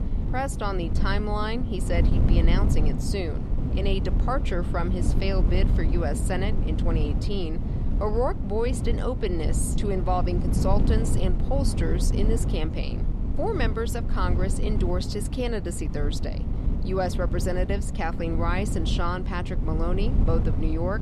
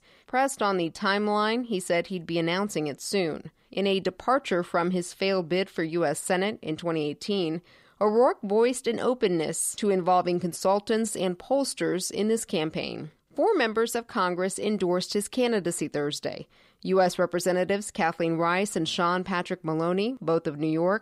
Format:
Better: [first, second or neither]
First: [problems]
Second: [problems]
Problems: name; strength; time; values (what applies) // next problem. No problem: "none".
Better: second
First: wind noise on the microphone; heavy; 7 dB below the speech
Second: none